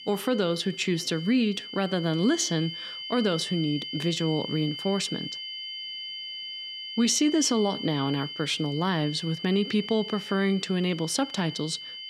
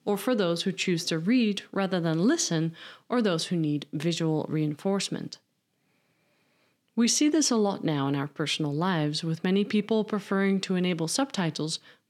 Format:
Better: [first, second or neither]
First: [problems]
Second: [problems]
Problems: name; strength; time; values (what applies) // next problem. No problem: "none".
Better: second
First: high-pitched whine; loud; throughout; 3 kHz, 9 dB below the speech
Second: none